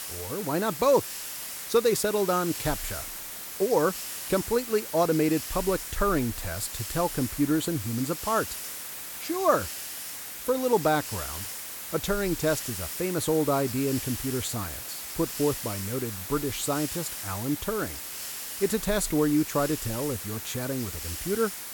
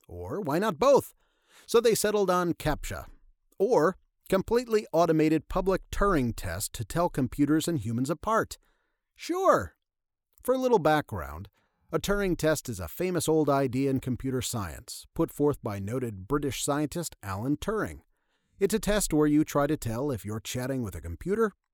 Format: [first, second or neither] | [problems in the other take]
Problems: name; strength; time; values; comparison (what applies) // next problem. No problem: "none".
second | hiss; loud; throughout; 6 dB below the speech